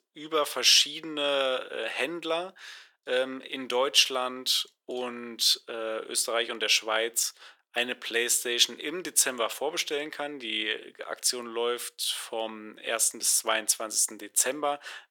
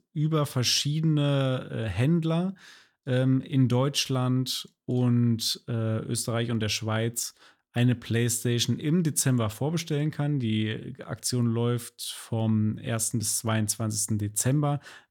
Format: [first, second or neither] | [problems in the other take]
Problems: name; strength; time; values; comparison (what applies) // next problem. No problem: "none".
second | thin; very; fading below 450 Hz